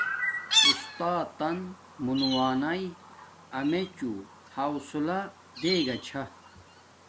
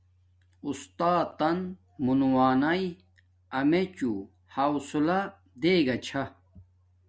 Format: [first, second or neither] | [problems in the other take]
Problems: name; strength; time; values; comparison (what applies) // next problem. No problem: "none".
second | background sound (Chirp, tweet); 2 dB below the speech